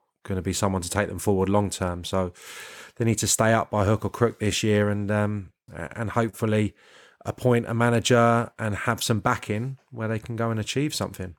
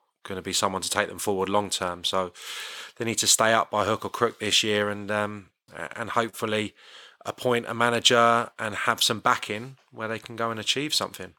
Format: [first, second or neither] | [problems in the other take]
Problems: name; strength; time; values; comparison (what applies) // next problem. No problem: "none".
first | thin; somewhat; fading below 1 kHz